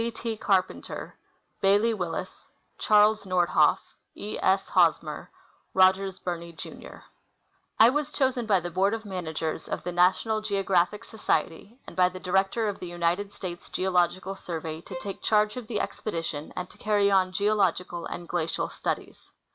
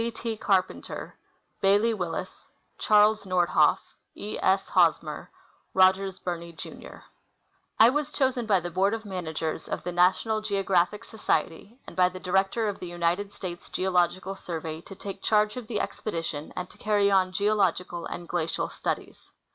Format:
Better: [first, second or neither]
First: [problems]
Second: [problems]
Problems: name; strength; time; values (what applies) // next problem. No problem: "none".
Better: second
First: background sound (Bowed string instrument); 16 dB below the speech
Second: none